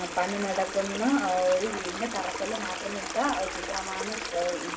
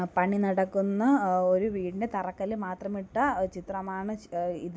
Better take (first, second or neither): second